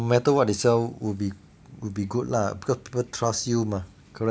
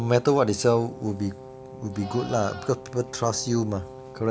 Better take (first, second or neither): first